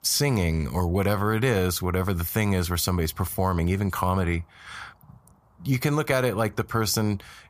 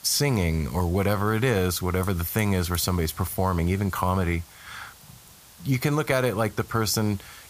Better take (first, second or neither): first